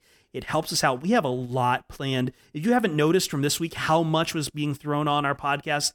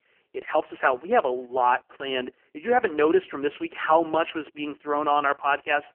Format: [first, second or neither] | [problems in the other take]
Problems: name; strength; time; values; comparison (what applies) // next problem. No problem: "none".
first | phone-call audio; poor line; nothing above 3 kHz